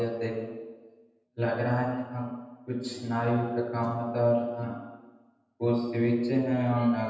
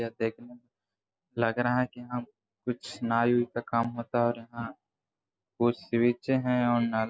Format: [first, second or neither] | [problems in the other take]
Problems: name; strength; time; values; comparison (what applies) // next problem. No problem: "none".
second | room echo; dies away in 1.1 s